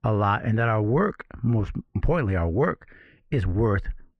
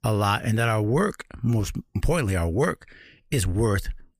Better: second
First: muffled; very; fading above 1.5 kHz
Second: none

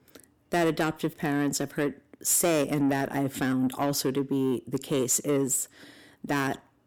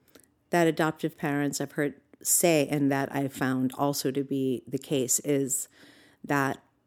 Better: second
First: distortion; slight; 10 dB below the speech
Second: none

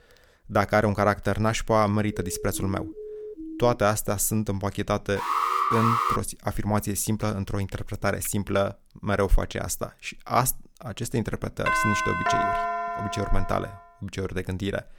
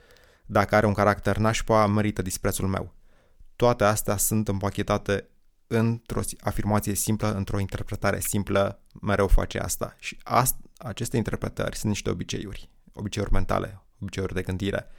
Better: second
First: siren; faint; from 2 to 4 s; peak 10 dB below the speech // alarm; loud; from 5 to 6 s; peak 4 dB above the speech // doorbell; loud; from 12 to 14 s; peak 3 dB above the speech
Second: none

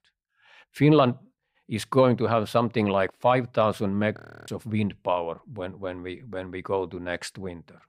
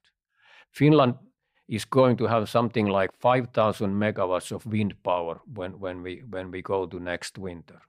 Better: second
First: audio freezing; at 4 s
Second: none

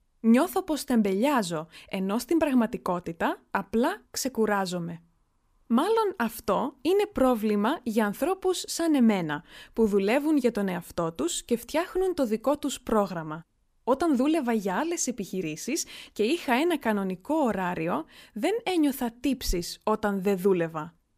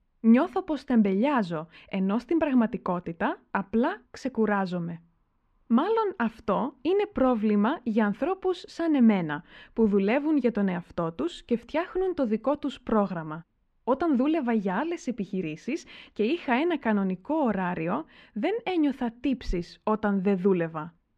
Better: first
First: none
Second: muffled; slightly; fading above 2.5 kHz

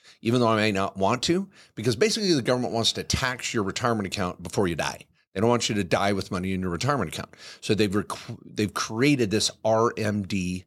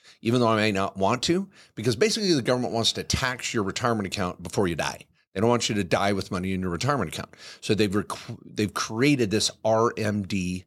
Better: neither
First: none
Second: none

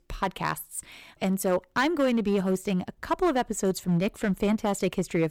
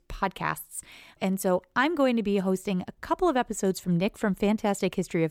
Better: second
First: distortion; slight; 5% of the sound clipped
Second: none

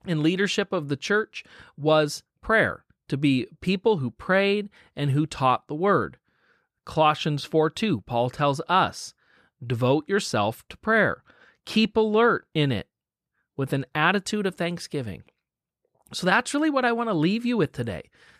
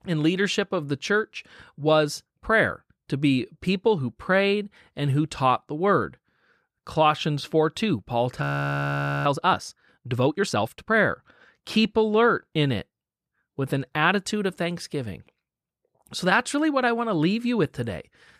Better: first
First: none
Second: audio freezing; at 8.5 s for 1 s

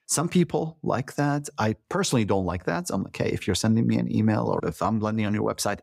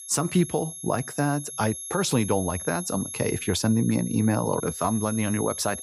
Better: first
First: none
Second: high-pitched whine; loud; throughout; 11 kHz, 9 dB below the speech

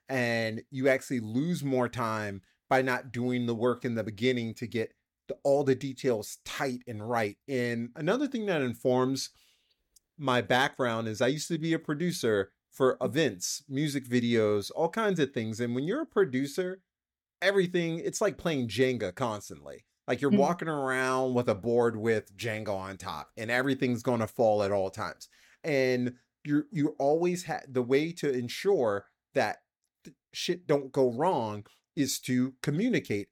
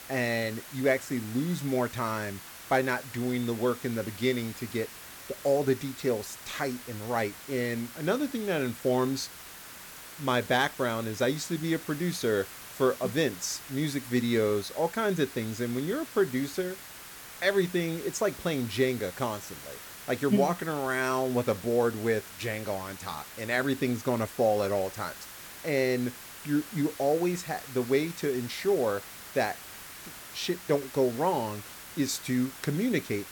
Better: first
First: none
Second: hiss; noticeable; throughout; 15 dB below the speech

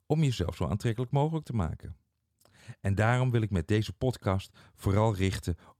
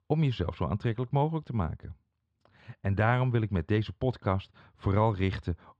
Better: first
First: none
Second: muffled; slightly; fading above 3.5 kHz

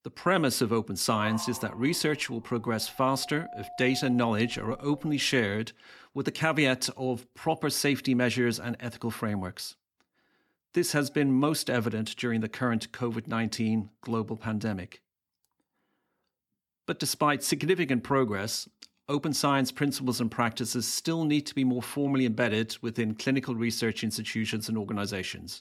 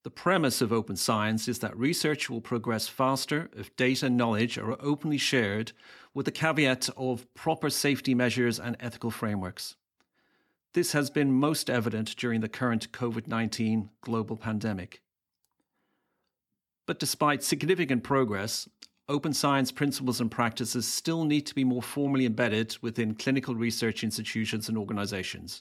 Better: second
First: dog barking; noticeable; from 1 to 5 s; peak 10 dB below the speech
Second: none

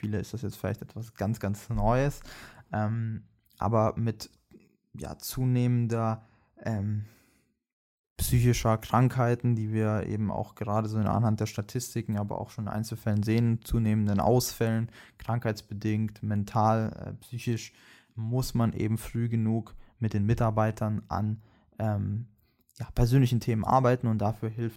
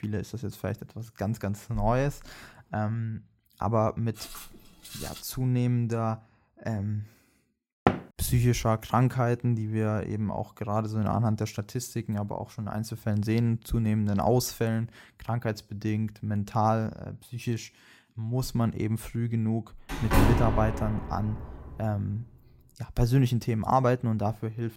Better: first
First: none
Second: footsteps; faint; from 4 to 5 s; peak 10 dB below the speech // door banging; loud; at 8 s and from 20 to 21 s; peak 4 dB above the speech

